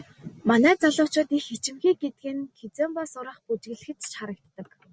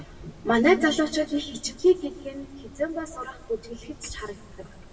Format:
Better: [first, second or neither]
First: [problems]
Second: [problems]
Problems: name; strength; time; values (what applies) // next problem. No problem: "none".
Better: first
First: none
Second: background sound (Mechanisms); 19 dB below the speech // room echo; dies away in 1.1 s